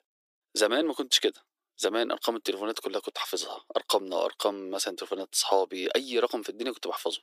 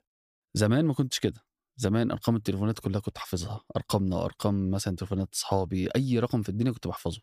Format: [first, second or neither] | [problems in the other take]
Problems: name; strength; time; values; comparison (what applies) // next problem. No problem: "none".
second | thin; very; fading below 350 Hz